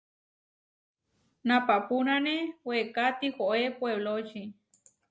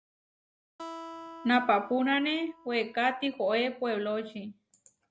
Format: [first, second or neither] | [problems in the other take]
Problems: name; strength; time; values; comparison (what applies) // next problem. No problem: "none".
first | background sound (Acoustic guitar); 18 dB below the speech